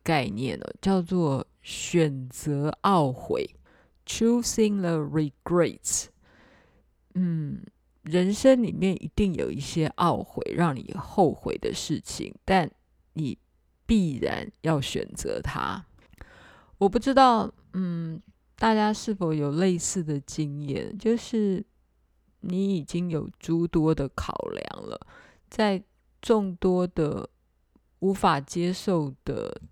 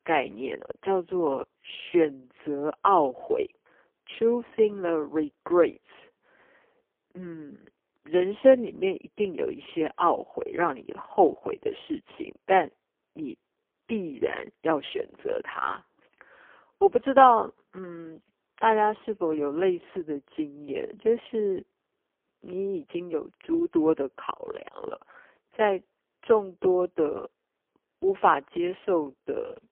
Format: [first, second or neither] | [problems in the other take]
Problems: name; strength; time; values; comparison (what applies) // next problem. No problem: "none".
first | phone-call audio; poor line; nothing above 3.5 kHz